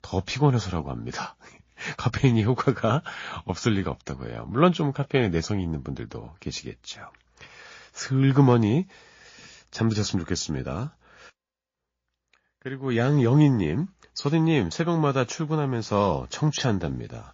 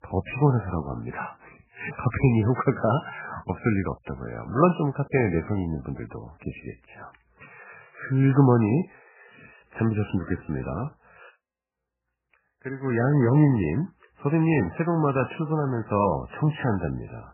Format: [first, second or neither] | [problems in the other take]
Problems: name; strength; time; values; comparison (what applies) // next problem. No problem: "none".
first | garbled, watery; badly; nothing above 2.5 kHz; slightly in the first